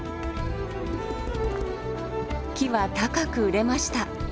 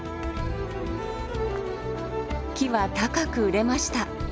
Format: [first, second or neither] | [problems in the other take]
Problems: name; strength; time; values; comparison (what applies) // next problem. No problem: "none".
second | background sound (Computer keyboard); 13 dB below the speech